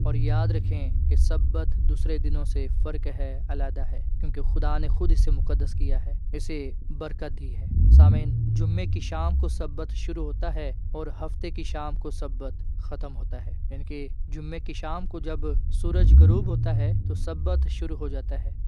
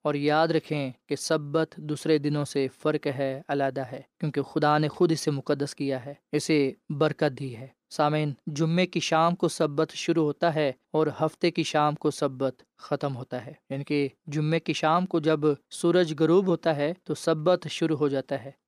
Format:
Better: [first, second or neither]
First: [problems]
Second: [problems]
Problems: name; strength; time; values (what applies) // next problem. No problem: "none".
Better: second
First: low rumble; loud; throughout; 3 dB below the speech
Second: none